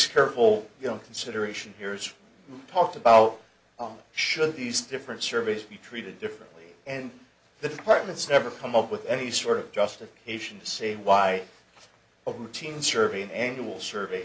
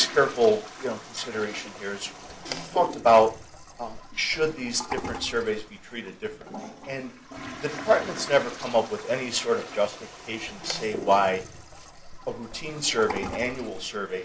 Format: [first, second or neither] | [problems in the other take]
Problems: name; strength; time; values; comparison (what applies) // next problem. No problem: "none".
first | background sound (Toilet flush); 12 dB below the speech